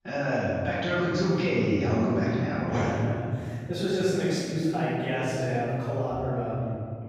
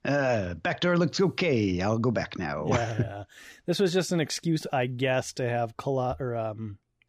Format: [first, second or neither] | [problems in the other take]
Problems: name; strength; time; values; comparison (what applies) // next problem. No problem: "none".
second | off-mic speech; far // room echo; strong; dies away in 2.3 s